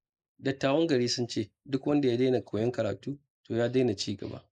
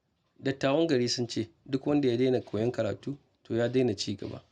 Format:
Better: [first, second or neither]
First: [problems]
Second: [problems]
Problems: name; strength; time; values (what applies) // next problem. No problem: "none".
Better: second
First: noise reduction (neural mask model Resemble Enhance denoiser)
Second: none